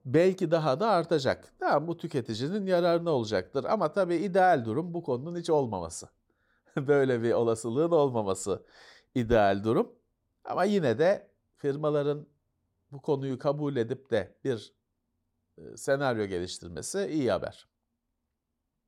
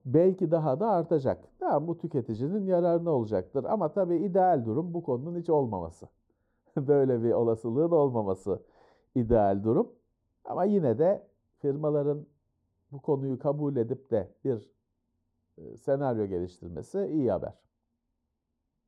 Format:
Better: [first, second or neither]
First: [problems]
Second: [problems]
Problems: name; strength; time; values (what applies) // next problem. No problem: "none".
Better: first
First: none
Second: muffled; very; fading above 1 kHz